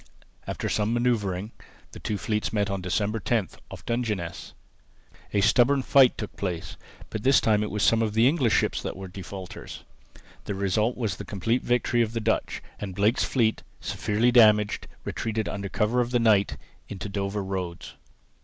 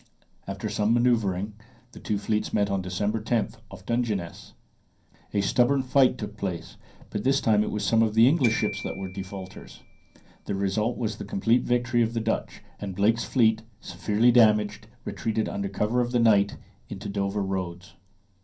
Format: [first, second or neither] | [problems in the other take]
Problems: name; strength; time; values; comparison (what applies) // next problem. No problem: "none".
first | background sound (Glockenspiel); 15 dB below the speech // room echo; dies away in 0.3 s